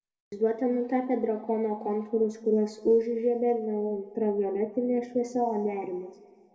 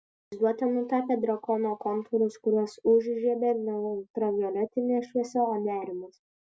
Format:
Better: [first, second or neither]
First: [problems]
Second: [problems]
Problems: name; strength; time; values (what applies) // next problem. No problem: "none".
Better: second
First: room echo; dies away in 1.6 s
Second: none